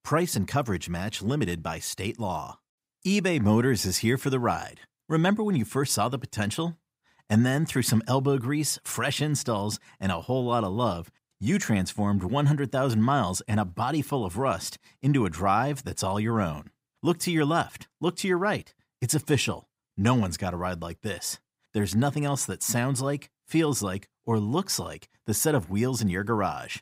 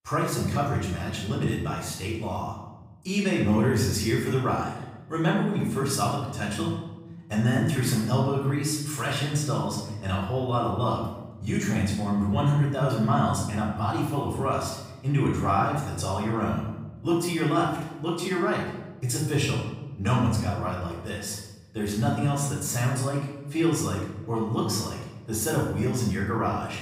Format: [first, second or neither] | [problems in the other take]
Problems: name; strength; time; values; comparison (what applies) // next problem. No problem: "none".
first | off-mic speech; far // room echo; noticeable; dies away in 0.9 s